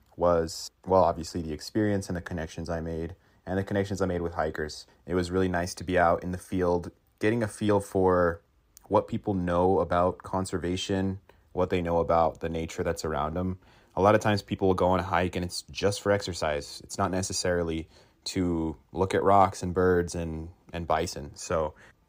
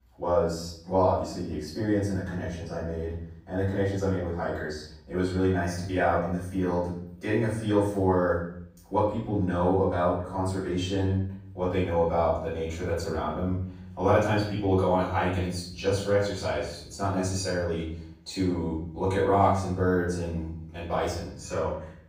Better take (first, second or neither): first